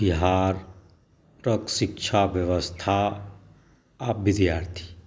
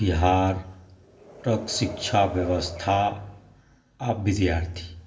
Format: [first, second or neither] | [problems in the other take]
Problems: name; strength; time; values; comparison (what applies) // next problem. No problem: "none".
first | background sound (Wind); 17 dB below the speech // room echo; dies away in 0.4 s